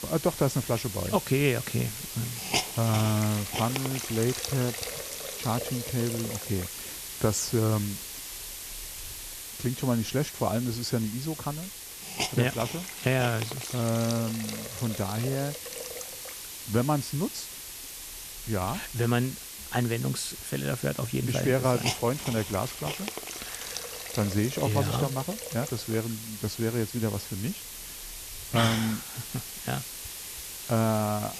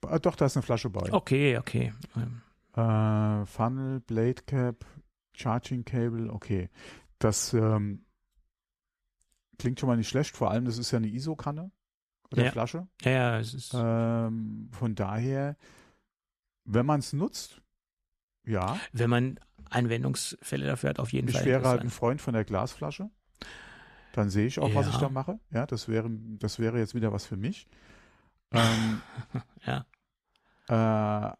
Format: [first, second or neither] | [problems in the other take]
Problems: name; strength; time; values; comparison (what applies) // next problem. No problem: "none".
second | hiss; loud; throughout; 6 dB below the speech